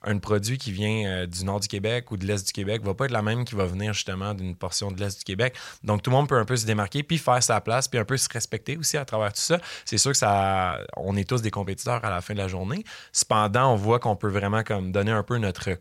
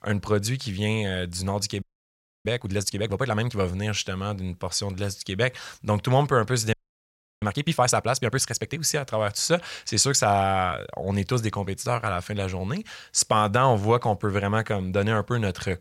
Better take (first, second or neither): first